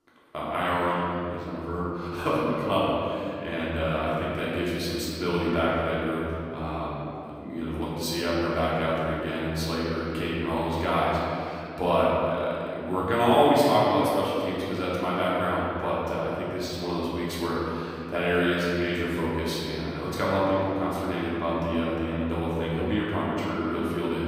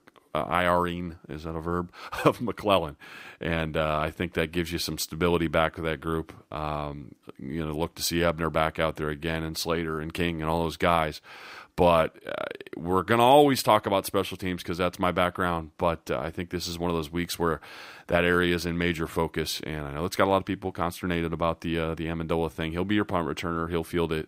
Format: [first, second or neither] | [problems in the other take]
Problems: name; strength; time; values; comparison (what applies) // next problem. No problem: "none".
second | room echo; strong; dies away in 2.4 s // off-mic speech; far